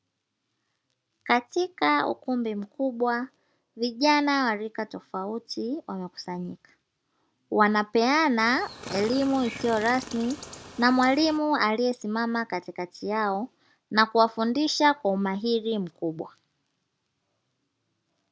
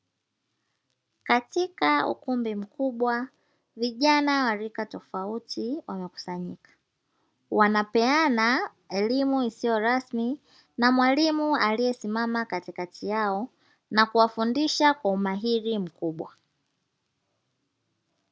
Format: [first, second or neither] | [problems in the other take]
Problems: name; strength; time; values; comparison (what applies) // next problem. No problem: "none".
second | background sound (Chirp, tweet); 13 dB below the speech